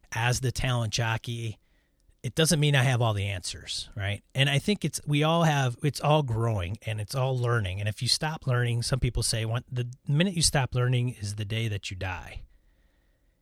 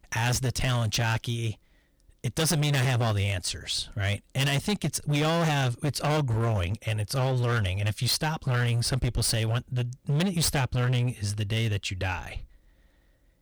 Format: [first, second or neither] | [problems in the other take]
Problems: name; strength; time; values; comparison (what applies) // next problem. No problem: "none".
first | distortion; heavy; 18% of the sound clipped